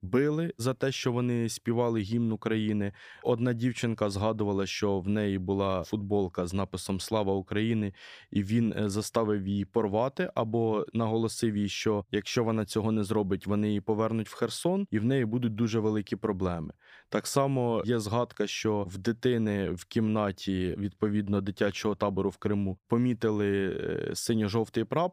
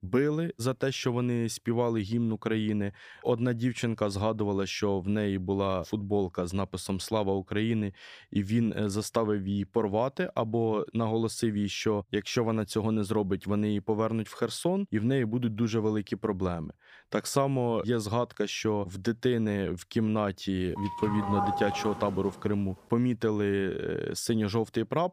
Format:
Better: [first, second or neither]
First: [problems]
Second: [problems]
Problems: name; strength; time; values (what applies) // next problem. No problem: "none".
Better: first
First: none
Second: doorbell; noticeable; from 21 to 22 s; peak 1 dB below the speech